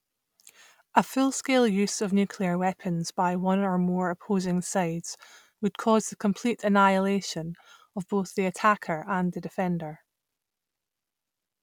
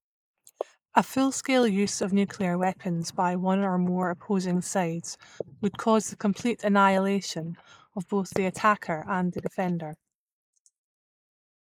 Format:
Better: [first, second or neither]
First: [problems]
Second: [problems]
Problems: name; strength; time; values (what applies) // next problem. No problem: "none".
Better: first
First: none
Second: noise reduction (neural mask model Resemble Enhance denoiser)